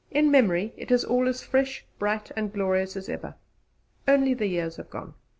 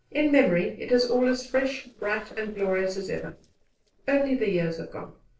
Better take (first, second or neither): first